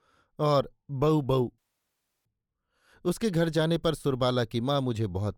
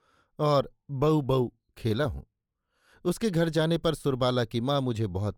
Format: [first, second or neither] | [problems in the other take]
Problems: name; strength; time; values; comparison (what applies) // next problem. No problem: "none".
second | audio cutting out; at 1.5 s for 0.5 s